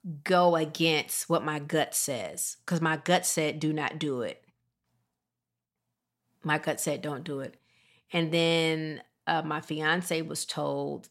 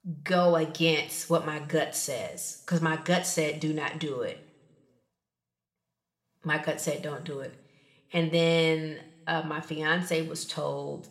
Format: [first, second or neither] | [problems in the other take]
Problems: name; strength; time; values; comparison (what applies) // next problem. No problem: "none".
first | room echo; slight; dies away in 0.7 s